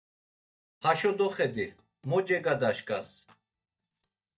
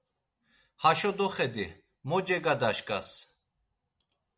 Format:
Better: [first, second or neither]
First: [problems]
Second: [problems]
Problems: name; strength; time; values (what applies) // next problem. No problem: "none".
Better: second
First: noise reduction (neural mask model DeepFilterNet 3)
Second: none